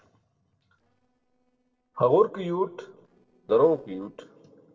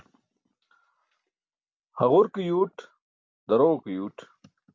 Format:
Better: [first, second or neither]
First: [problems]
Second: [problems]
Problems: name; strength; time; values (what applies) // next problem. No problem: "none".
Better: second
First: noise reduction (neural separator model SepFormer DNS4)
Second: none